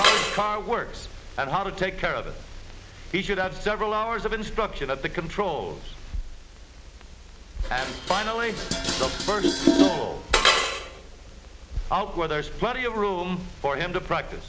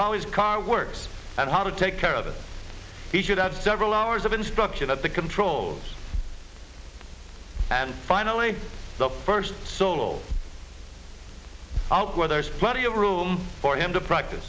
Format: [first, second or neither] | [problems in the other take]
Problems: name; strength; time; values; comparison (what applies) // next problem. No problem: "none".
second | background sound (Dishes, pots, and pans); 1 dB below the speech